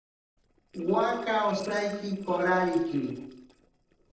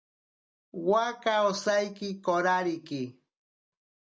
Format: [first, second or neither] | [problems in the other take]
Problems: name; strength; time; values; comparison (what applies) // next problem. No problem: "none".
second | noise reduction (neural separator model SepFormer DNS4)